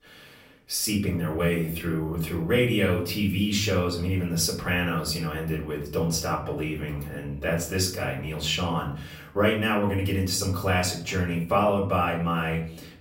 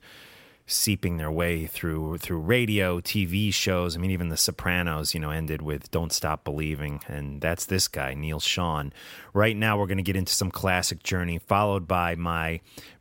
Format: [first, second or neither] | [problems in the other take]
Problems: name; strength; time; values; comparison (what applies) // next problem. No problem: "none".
second | off-mic speech; far // room echo; slight; dies away in 0.5 s